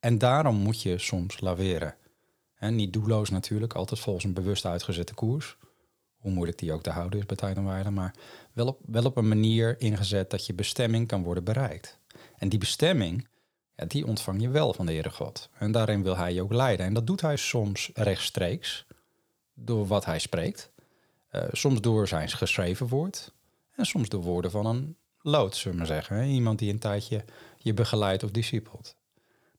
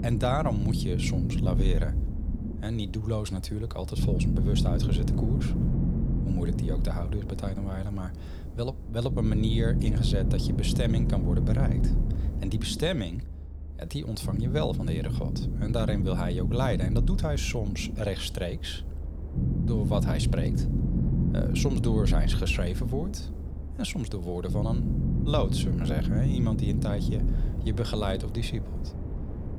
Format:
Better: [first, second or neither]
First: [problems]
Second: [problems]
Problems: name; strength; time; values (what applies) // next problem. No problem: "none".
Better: first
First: none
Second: low rumble; loud; throughout; 4 dB below the speech